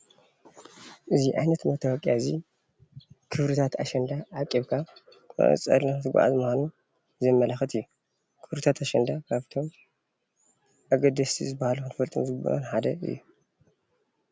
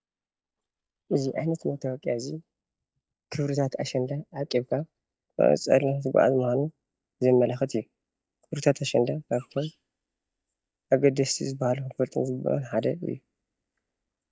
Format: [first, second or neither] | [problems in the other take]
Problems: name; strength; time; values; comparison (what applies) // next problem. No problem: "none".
first | noise reduction (neural mask model DeepFilterNet 3)